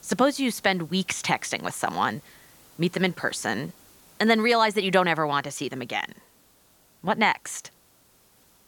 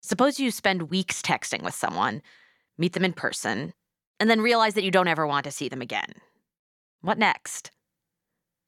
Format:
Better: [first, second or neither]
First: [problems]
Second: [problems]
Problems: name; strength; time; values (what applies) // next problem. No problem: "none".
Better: second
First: hiss; faint; throughout; 30 dB below the speech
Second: none